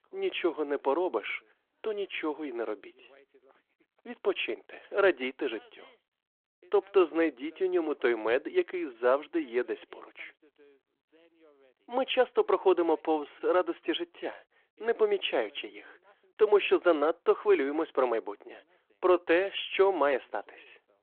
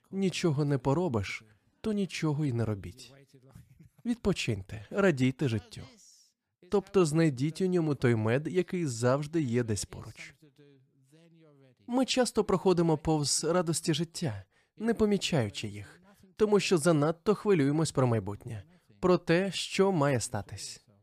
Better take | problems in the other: second | phone-call audio

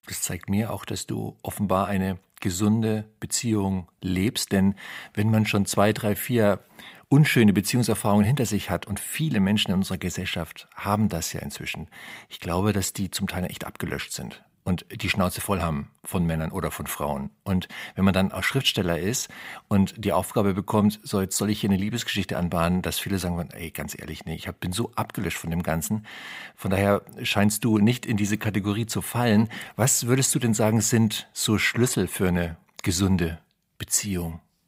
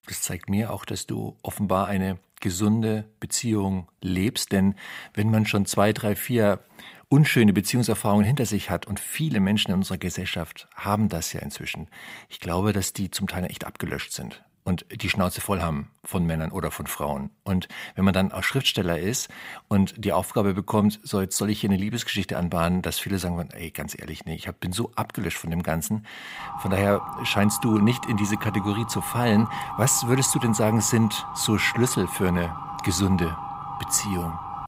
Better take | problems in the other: first | siren; noticeable; from 26 s on; peak 8 dB below the speech

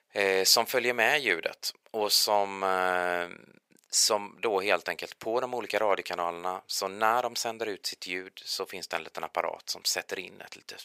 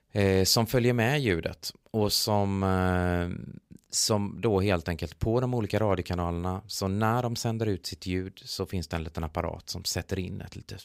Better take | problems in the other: second | thin; very; fading below 650 Hz

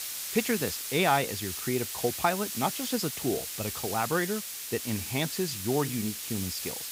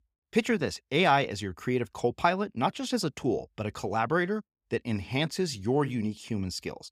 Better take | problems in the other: second | hiss; loud; throughout; 3 dB below the speech

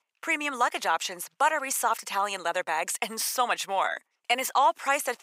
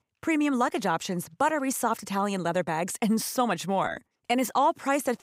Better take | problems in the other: second | thin; very; fading below 750 Hz

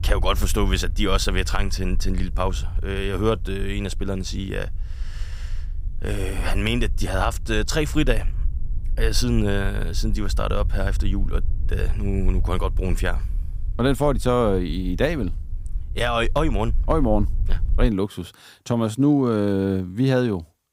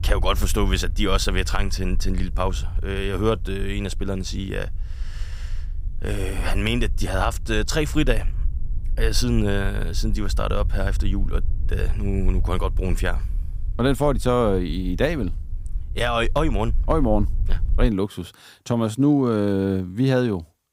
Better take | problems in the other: neither | low rumble; faint; until 18 s; 25 dB below the speech; the same in both

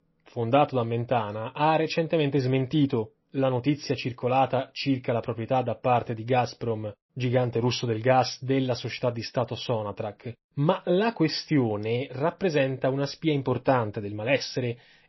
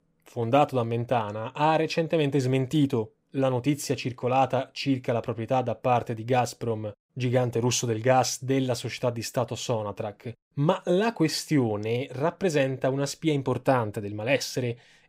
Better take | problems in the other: second | garbled, watery; slightly; nothing above 5.5 kHz

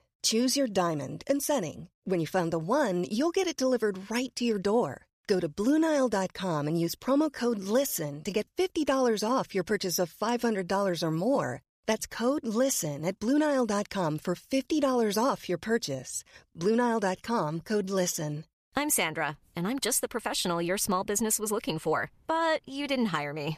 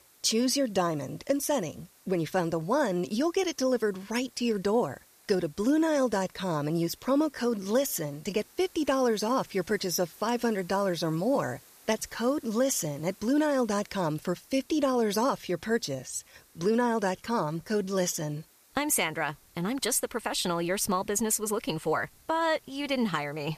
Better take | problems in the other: first | hiss; faint; throughout; 25 dB below the speech

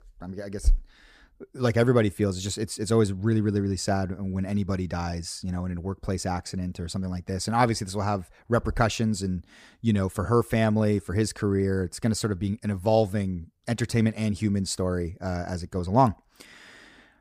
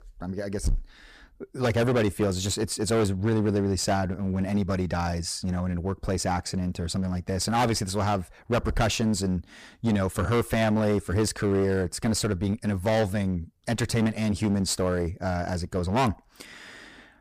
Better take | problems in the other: first | distortion; heavy; 14% of the sound clipped

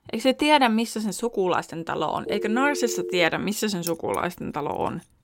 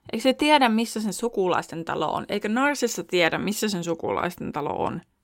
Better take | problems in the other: second | phone ringing; noticeable; at 2.5 s; peak 7 dB below the speech // jangling keys; faint; at 4 s; peak 10 dB below the speech

